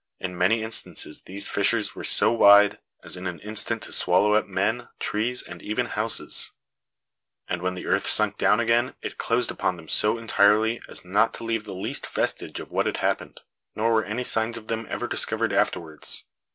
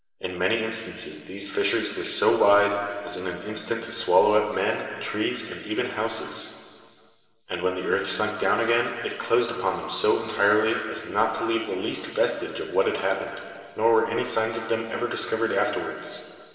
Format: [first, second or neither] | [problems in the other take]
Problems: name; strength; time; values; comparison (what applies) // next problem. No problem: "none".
first | room echo; dies away in 2.3 s